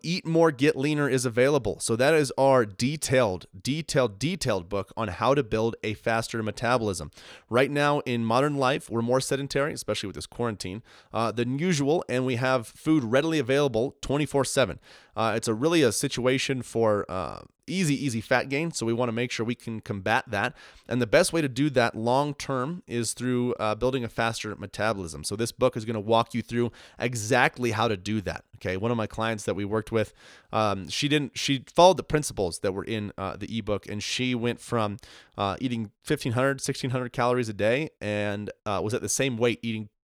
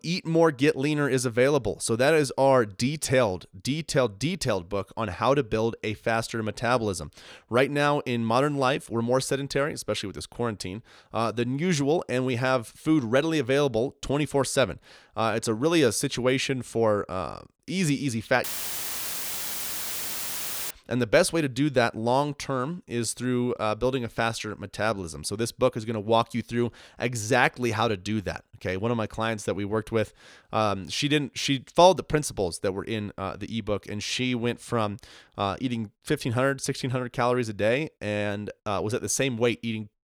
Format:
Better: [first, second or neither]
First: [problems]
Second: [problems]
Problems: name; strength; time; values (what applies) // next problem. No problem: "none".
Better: first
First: none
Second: audio cutting out; filled with static; at 18 s for 2.5 s